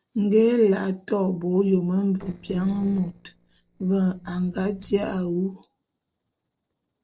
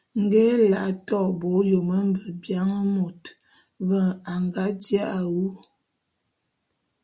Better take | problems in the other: second | noise reduction (neural separator model SepFormer DNS4)

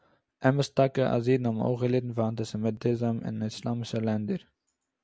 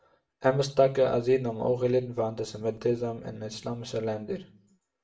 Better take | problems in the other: first | room echo; dies away in 0.3 s

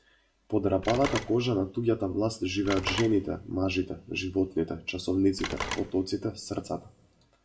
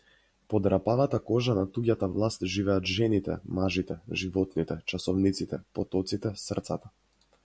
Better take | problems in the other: second | background sound (Telephone); 9 dB below the speech // room echo; dies away in 0.4 s

